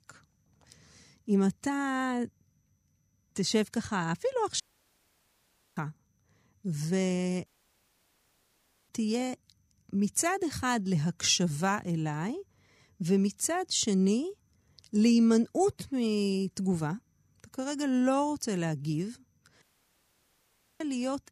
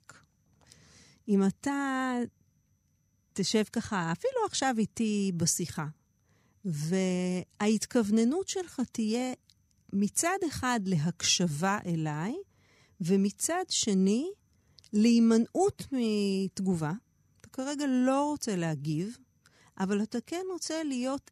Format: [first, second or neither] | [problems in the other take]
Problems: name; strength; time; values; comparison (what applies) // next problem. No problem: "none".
second | audio cutting out; at 4.5 s for 1 s, at 7.5 s for 1.5 s and at 20 s for 1 s